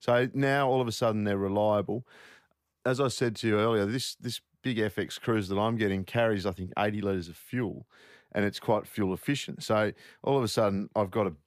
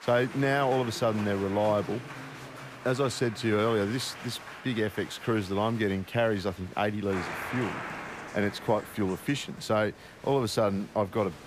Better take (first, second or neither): first